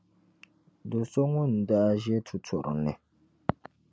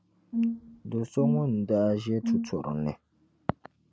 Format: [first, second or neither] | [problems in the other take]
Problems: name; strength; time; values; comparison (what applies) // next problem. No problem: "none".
first | background sound (Brass instrument); 1 dB below the speech